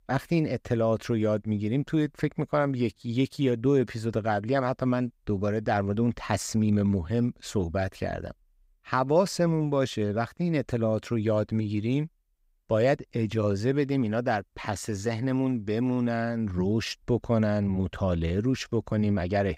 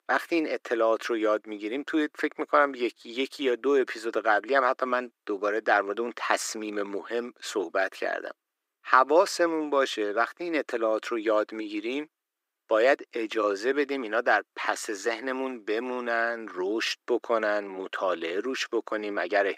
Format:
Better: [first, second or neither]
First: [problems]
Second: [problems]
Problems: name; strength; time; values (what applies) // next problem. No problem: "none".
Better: first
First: none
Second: thin; very; fading below 300 Hz